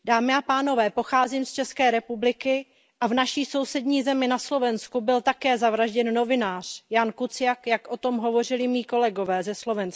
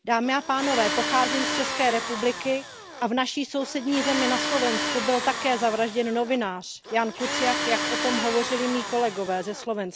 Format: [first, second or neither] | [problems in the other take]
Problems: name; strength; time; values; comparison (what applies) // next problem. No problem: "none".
first | background sound (Tools); 4 dB below the speech